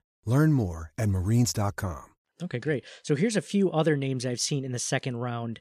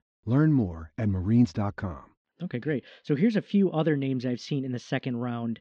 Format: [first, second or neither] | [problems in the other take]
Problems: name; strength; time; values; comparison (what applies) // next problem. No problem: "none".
first | muffled; slightly; fading above 4 kHz